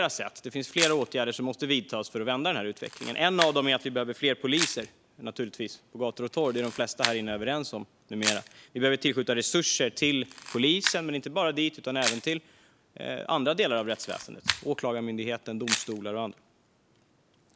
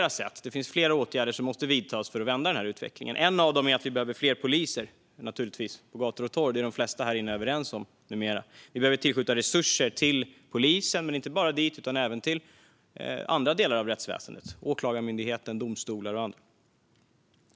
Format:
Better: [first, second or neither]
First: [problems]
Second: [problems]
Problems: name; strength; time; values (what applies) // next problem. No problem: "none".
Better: second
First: background sound (Camera); 9 dB below the speech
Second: none